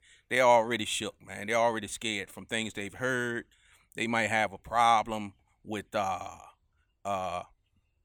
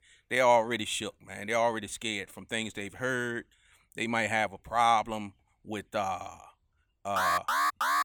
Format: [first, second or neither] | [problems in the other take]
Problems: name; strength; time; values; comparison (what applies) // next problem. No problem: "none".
first | alarm; loud; at 7 s; peak 3 dB above the speech